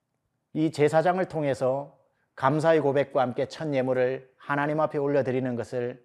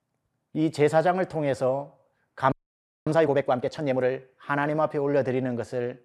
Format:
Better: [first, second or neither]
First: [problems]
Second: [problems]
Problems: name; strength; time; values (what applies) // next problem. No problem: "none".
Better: first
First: none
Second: audio freezing; at 2.5 s for 0.5 s